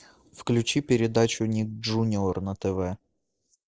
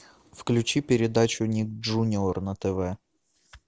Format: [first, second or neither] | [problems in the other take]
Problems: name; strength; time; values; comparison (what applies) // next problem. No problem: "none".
second | noise reduction (neural mask model Resemble Enhance denoiser)